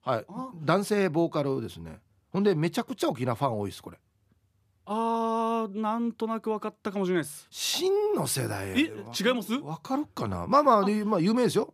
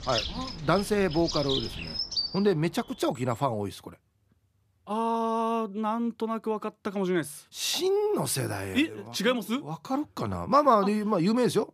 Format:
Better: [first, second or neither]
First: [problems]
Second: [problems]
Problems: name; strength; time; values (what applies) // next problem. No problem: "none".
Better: first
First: none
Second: animal sounds; loud; until 3 s; 5 dB below the speech